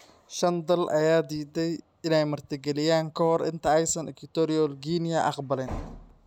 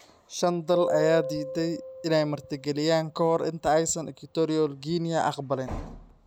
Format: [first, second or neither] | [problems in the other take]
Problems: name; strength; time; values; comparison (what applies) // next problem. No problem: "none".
first | background sound (Piano); 9 dB below the speech